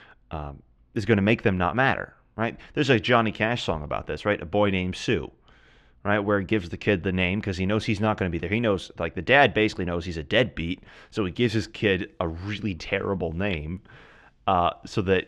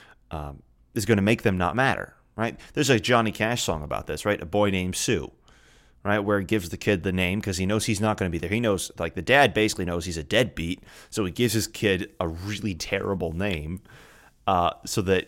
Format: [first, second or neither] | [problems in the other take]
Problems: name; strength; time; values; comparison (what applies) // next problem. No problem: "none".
second | muffled; slightly; fading above 3 kHz